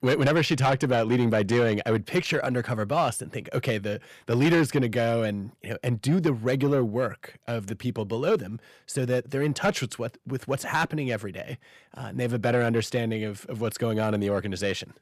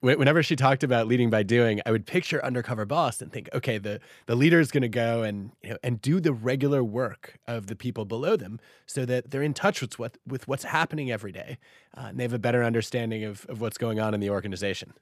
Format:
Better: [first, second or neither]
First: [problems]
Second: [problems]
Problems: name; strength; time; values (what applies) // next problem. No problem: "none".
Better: second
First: distortion; slight; 10 dB below the speech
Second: none